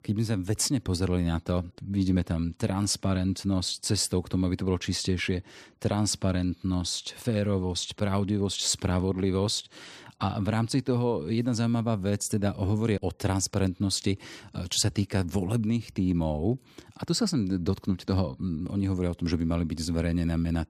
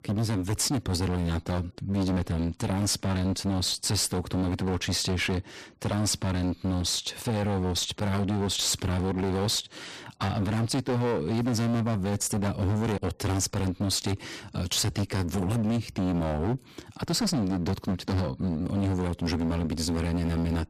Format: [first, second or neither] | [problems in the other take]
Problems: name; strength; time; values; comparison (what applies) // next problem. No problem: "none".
first | distortion; heavy; 25% of the sound clipped